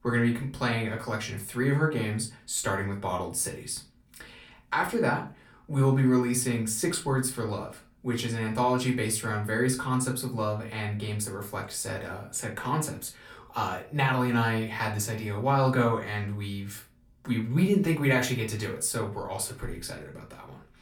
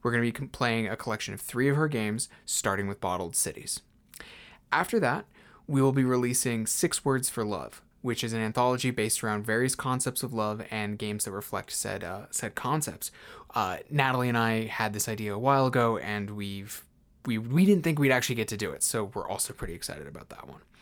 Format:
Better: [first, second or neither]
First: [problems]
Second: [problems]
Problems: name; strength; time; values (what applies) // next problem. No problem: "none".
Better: second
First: off-mic speech; far // room echo; very slight; dies away in 0.3 s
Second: none